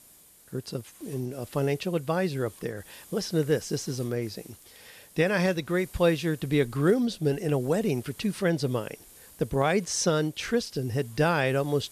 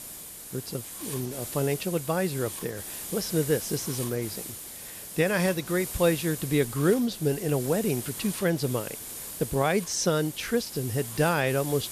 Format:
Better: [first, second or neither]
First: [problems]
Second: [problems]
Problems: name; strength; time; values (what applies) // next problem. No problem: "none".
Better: first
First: hiss; faint; throughout; 20 dB below the speech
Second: hiss; loud; throughout; 8 dB below the speech